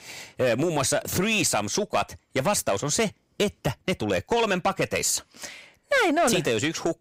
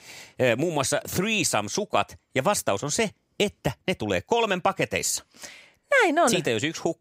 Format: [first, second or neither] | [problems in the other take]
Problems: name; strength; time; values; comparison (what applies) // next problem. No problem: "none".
second | distortion; slight; 10 dB below the speech